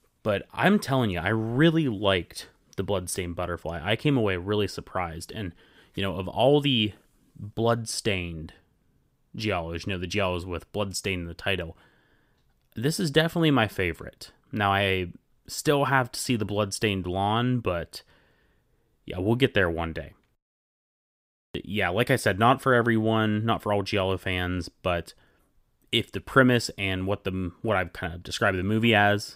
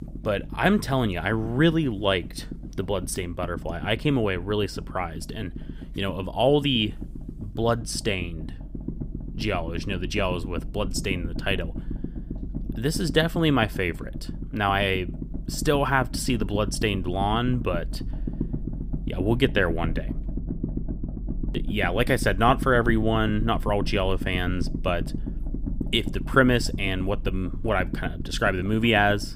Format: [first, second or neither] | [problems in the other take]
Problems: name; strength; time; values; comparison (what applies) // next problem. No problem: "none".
first | low rumble; noticeable; throughout; 15 dB below the speech